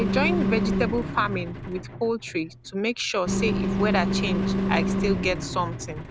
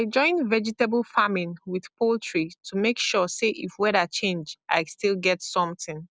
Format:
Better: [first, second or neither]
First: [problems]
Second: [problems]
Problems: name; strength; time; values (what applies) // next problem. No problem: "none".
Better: second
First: background sound (Engine); 1 dB above the speech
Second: none